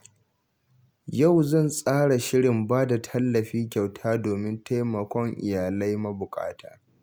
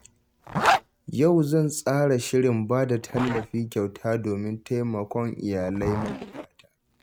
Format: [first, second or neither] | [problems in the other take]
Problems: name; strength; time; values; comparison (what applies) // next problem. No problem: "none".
first | noise reduction (neural mask model RNNoise)